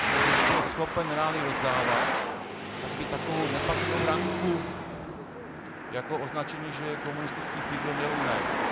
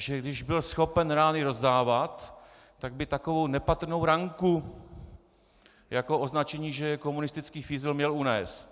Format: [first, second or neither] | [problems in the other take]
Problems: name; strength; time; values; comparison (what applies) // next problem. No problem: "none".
second | background sound (Traffic noise, roadway noise); 3 dB above the speech